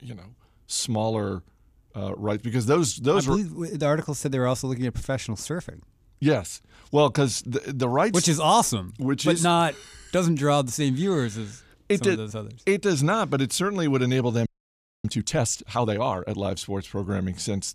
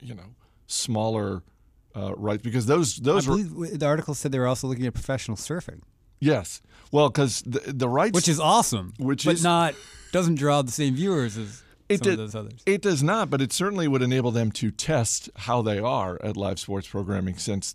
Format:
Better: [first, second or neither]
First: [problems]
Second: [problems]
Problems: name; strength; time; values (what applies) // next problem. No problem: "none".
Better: second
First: audio freezing; at 14 s for 0.5 s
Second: none